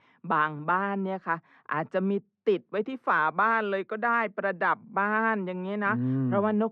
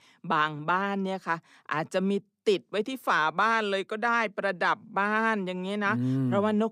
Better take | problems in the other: second | muffled; very; fading above 1.5 kHz

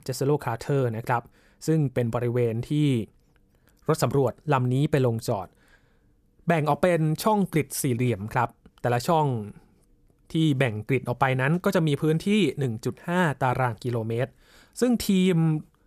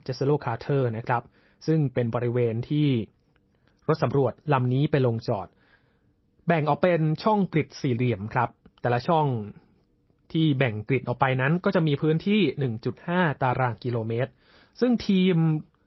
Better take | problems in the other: first | garbled, watery; slightly; nothing above 5.5 kHz

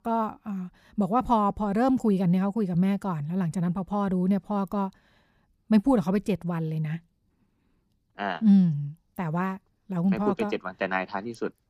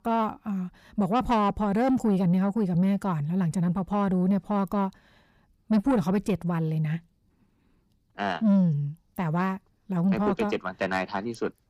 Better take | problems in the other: first | distortion; slight; 10 dB below the speech

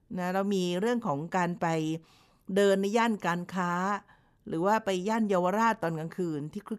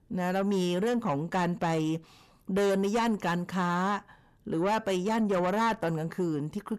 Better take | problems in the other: first | distortion; slight; 10 dB below the speech

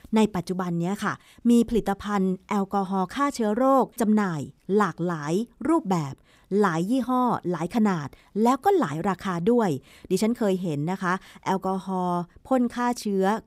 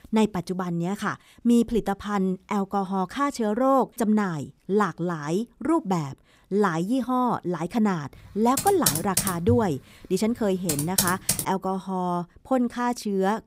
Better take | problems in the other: first | keyboard typing; loud; from 8.5 to 11 s; peak 3 dB above the speech

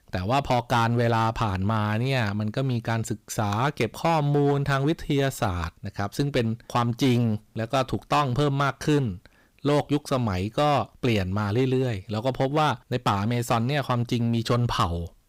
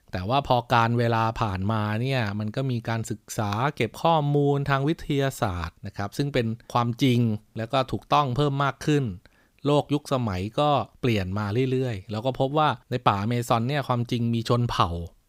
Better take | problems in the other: second | distortion; slight; 9% of the sound clipped

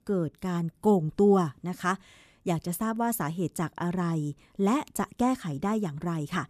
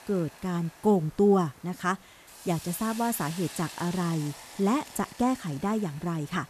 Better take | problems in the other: first | hiss; noticeable; throughout; 15 dB below the speech

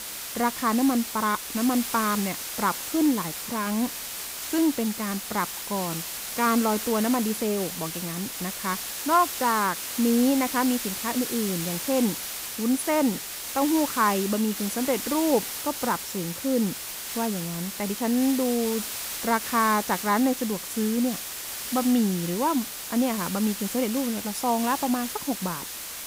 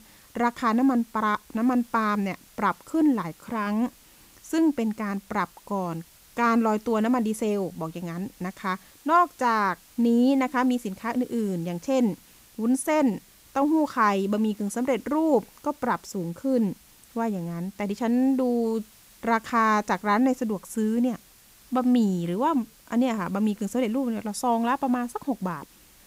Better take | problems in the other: second | hiss; loud; throughout; 5 dB below the speech; faint in the second

